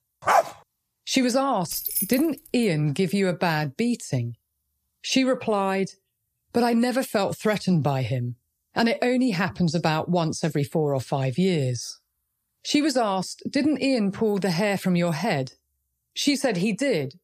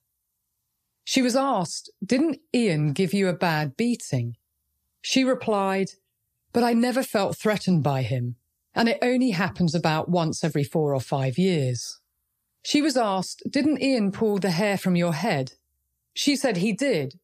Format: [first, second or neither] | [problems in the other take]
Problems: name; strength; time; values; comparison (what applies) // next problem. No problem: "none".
second | dog barking; loud; at 0.5 s; peak 3 dB above the speech // jangling keys; noticeable; at 1.5 s; peak 1 dB below the speech